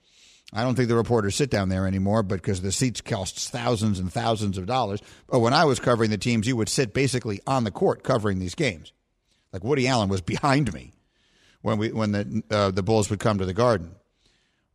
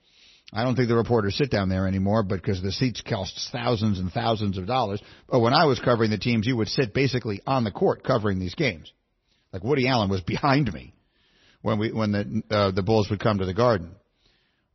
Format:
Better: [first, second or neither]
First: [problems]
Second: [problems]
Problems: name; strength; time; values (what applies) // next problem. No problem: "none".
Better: first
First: none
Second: garbled, watery; slightly; nothing above 6 kHz